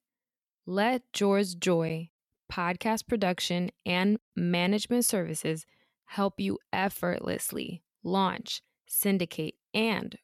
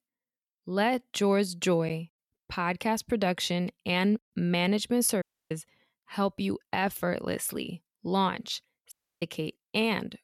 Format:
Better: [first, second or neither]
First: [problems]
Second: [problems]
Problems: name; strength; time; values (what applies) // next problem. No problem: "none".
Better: first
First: none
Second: audio cutting out; at 5 s and at 9 s